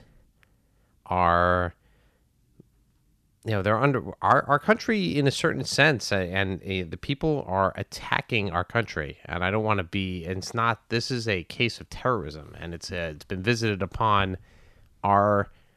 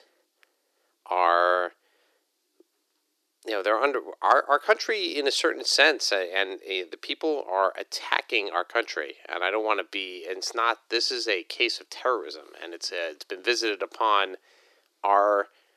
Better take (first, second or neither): first